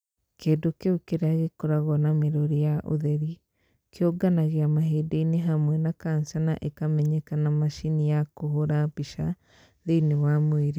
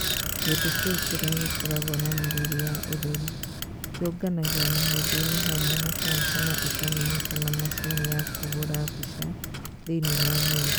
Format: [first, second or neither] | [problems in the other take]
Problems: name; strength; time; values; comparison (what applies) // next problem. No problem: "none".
first | background sound (Bicycle); 1 dB above the speech